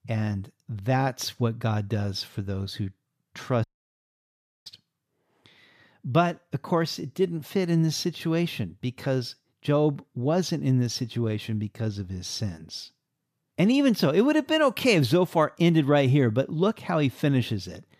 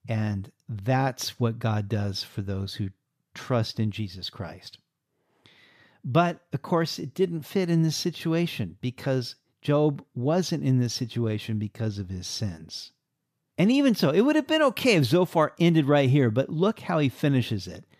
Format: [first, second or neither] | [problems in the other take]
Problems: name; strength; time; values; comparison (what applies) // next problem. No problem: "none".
second | audio cutting out; at 3.5 s for 1 s